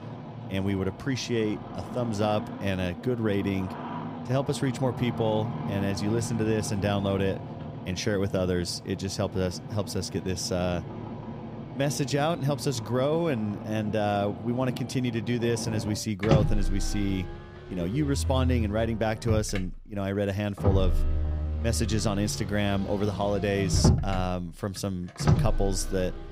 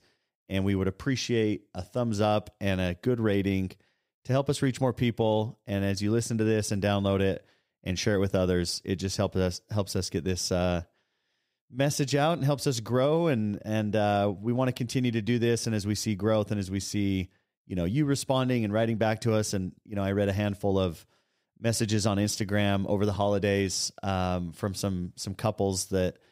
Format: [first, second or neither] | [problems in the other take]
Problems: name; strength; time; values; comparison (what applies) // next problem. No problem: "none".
second | traffic noise; loud; throughout; 5 dB below the speech